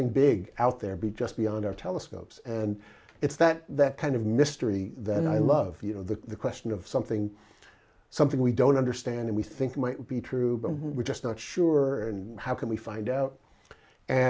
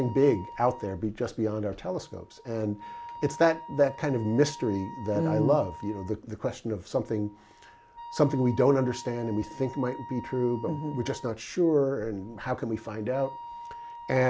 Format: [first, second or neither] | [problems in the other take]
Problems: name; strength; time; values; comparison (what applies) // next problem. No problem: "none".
first | background sound (Wind instrument, woodwind instrument); 16 dB below the speech